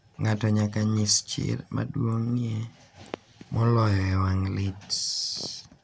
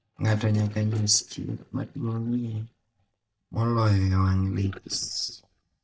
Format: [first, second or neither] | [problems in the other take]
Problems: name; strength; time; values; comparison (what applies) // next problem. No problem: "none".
first | noise reduction (neural mask model DeepFilterNet 3)